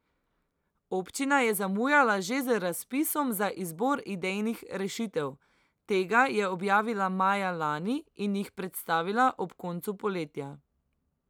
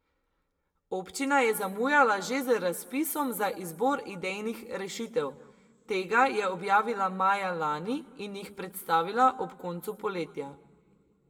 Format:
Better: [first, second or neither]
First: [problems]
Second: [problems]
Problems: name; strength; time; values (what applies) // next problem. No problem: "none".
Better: first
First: none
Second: room echo; dies away in 0.8 s